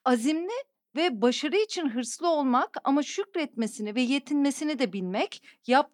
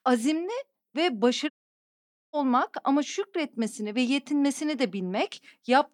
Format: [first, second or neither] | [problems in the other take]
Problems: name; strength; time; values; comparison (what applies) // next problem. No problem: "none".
first | audio cutting out; at 1.5 s for 1 s